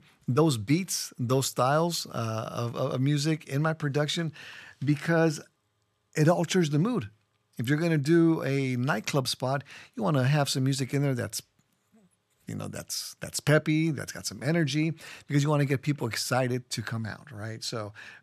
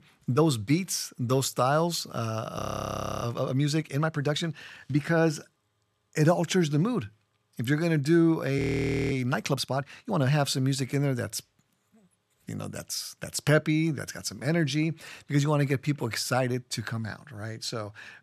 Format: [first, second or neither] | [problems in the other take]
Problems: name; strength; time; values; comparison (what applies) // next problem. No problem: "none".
first | audio freezing; at 2.5 s for 0.5 s and at 8.5 s for 0.5 s